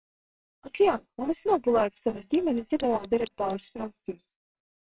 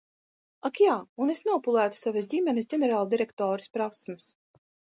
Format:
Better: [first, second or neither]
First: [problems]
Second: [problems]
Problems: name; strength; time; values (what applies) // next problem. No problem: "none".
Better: second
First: noise reduction (neural separator model SepFormer WHAMR!)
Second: none